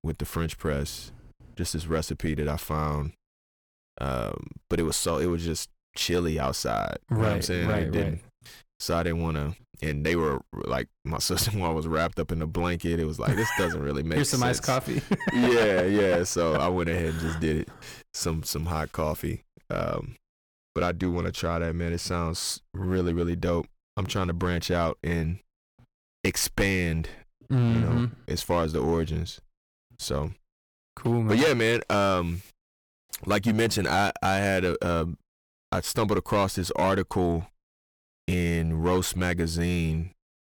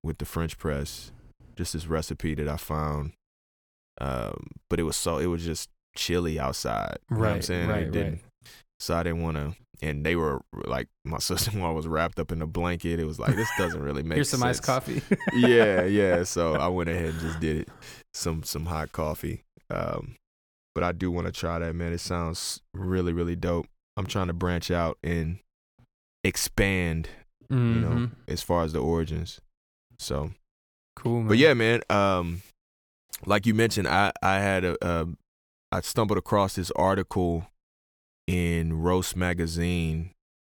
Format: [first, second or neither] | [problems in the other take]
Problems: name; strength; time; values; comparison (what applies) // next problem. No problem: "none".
second | distortion; slight; 6% of the sound clipped